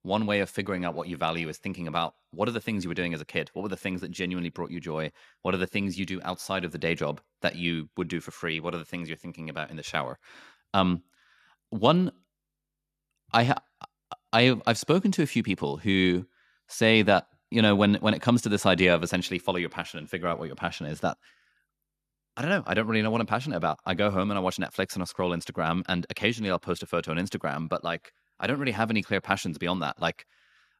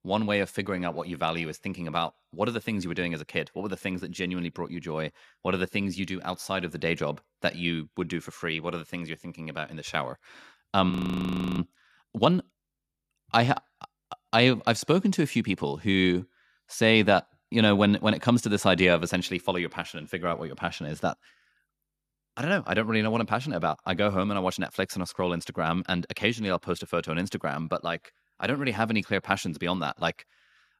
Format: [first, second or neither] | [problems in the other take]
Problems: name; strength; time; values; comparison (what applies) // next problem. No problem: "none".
first | audio freezing; at 11 s for 0.5 s